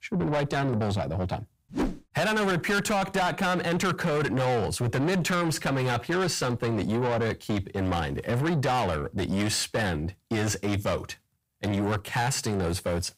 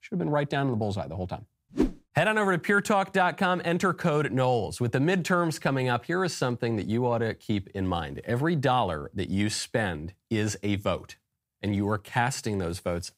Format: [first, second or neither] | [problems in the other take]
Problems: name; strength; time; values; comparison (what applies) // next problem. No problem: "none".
second | distortion; heavy; 6 dB below the speech